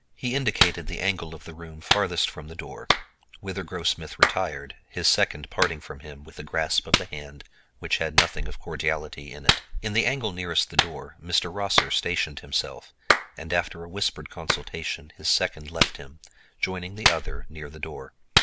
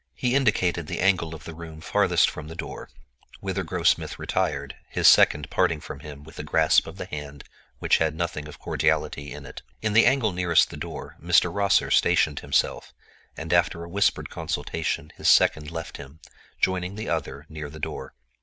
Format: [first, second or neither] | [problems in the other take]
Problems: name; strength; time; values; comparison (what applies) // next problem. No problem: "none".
second | background sound (Clapping); as loud as the speech